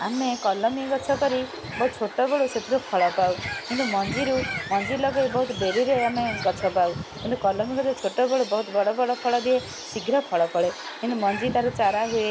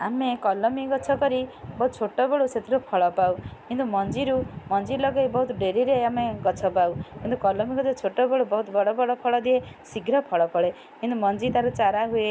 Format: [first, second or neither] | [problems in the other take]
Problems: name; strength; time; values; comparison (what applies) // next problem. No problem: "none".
second | background sound (Bird); 12 dB below the speech